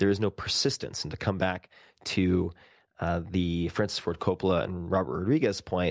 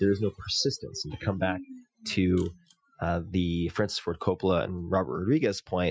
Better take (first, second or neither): first